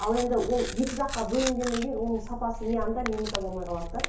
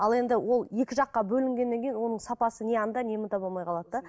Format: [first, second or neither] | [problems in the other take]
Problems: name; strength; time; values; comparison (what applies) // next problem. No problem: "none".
second | background sound (Tearing); 7 dB below the speech // room echo; dies away in 0.7 s